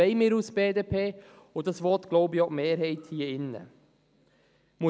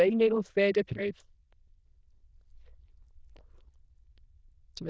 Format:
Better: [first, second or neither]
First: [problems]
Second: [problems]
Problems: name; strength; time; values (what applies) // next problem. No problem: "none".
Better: first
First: none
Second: noise reduction (neural diffusion model UNIVERSE++)